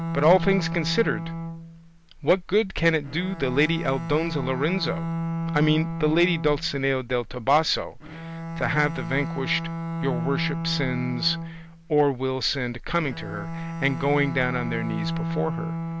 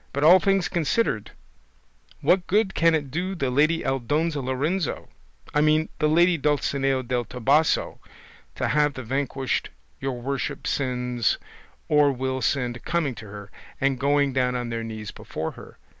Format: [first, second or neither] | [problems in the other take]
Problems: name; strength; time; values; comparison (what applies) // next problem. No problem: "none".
second | background sound (Bowed string instrument); 6 dB below the speech